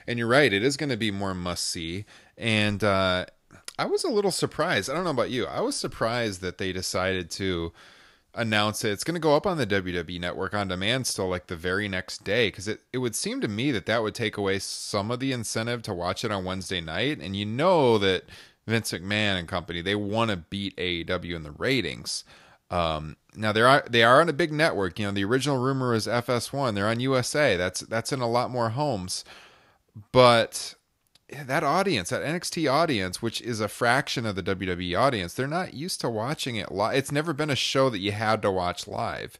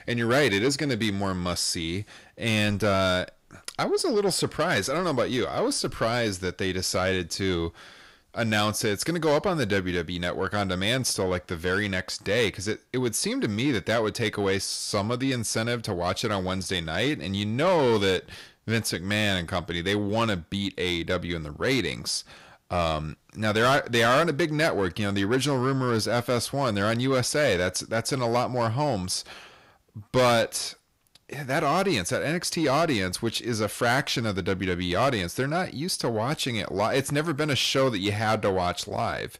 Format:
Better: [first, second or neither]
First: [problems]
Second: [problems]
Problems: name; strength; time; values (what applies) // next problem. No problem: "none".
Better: first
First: none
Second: distortion; slight; 10 dB below the speech